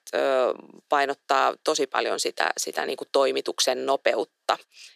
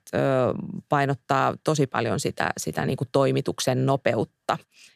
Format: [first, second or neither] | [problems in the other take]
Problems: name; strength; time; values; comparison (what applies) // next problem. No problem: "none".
second | thin; very; fading below 350 Hz